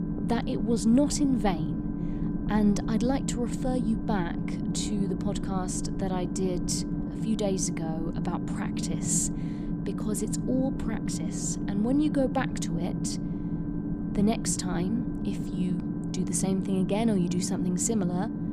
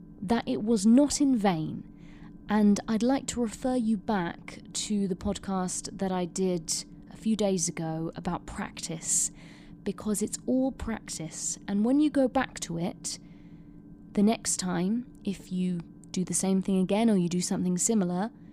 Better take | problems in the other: second | low rumble; loud; throughout; 5 dB below the speech; faint in the second

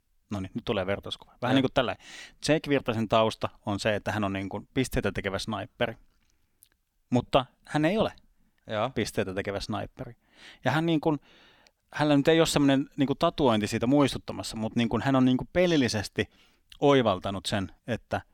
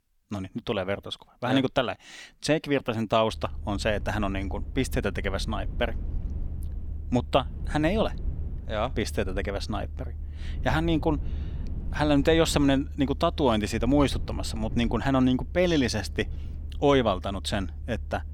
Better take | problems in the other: first | low rumble; faint; from 3.5 s on; 25 dB below the speech

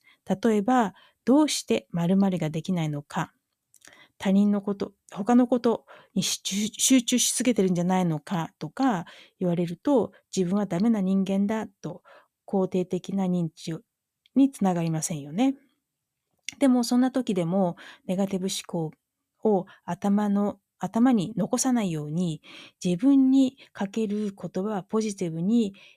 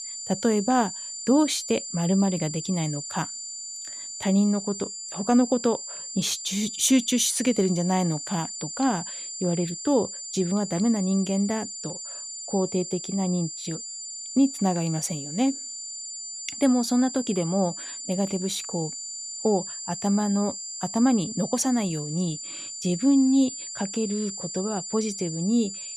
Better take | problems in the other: first | high-pitched whine; loud; throughout; 7 kHz, 8 dB below the speech

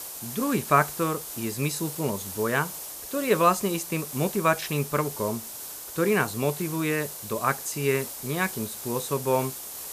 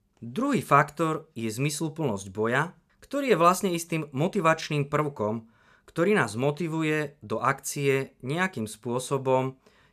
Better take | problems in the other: second | hiss; loud; throughout; 8 dB below the speech

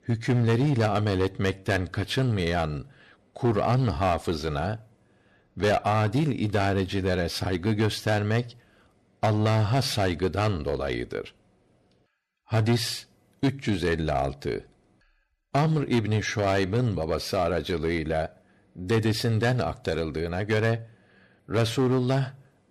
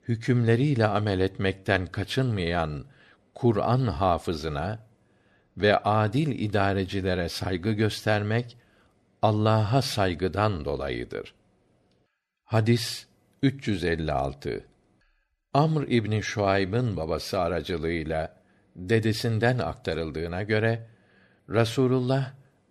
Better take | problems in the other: second | distortion; slight; 6% of the sound clipped

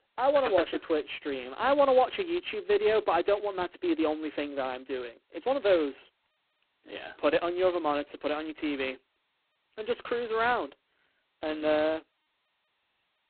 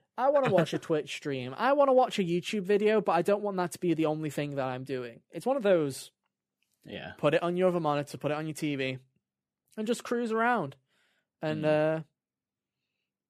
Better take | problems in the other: second | phone-call audio; poor line; nothing above 4 kHz

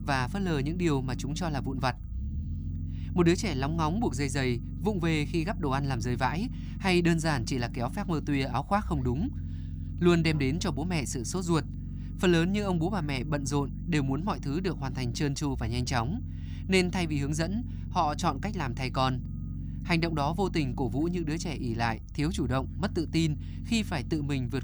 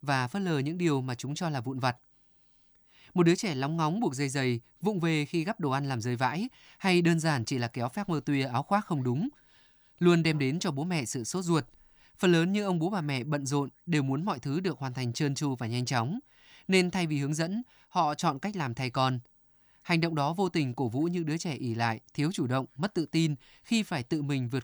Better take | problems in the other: second | low rumble; noticeable; throughout; 15 dB below the speech

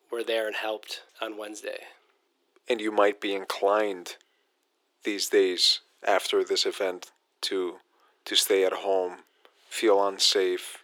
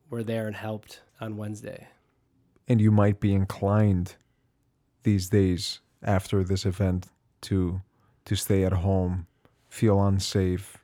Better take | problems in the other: second | thin; very; fading below 350 Hz

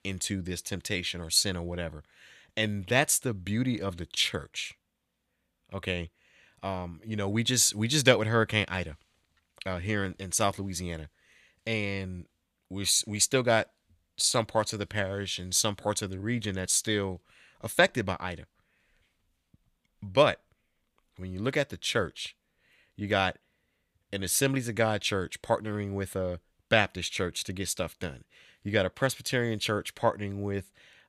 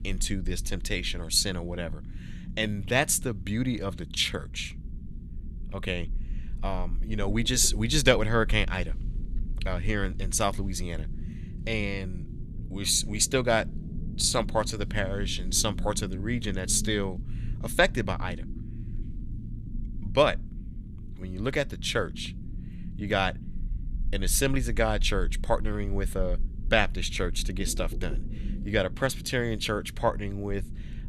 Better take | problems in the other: first | low rumble; faint; throughout; 20 dB below the speech

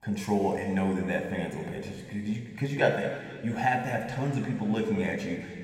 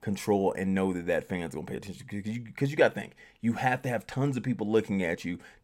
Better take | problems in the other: second | room echo; noticeable; dies away in 2.2 s // off-mic speech; somewhat distant

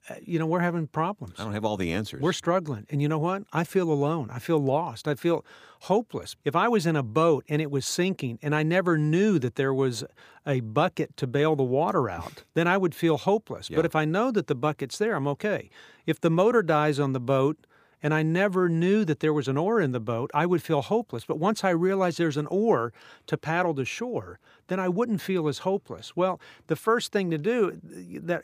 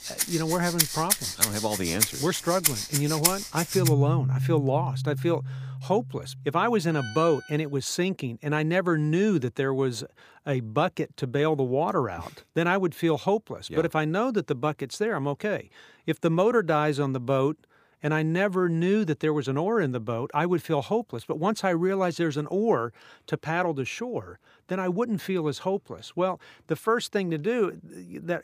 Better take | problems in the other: first | background music; very loud; until 7.5 s; as loud as the speech

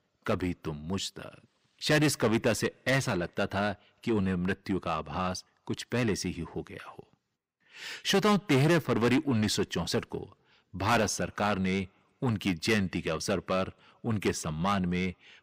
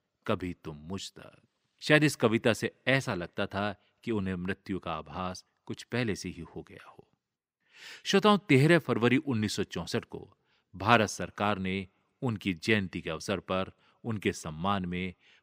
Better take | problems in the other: second | distortion; heavy; 6 dB below the speech

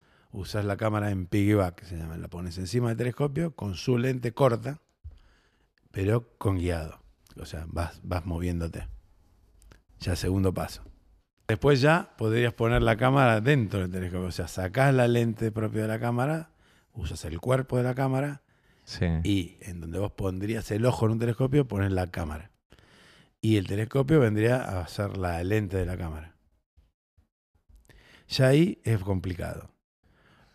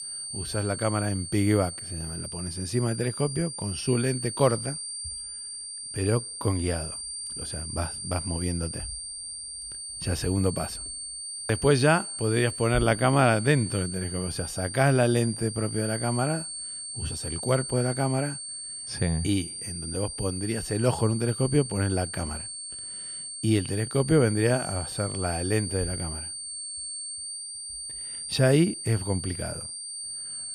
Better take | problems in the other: first | high-pitched whine; loud; throughout; 8.5 kHz, 7 dB below the speech

